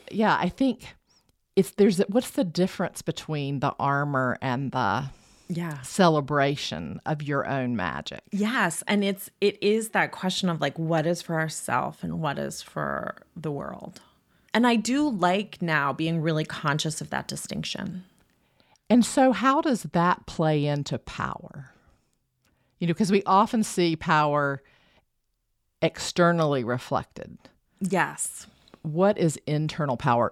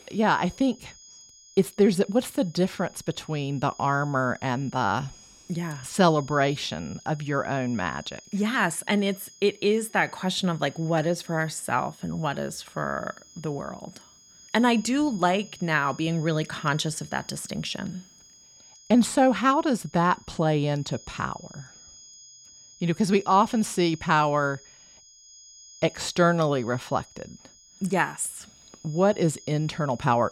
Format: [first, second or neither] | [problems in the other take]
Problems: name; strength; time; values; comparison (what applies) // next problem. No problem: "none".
first | high-pitched whine; faint; throughout; 6.5 kHz, 25 dB below the speech